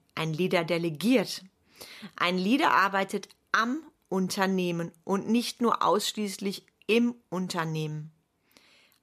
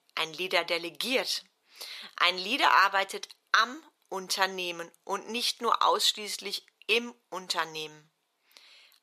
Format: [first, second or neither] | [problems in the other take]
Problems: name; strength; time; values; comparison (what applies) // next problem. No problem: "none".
first | thin; very; fading below 600 Hz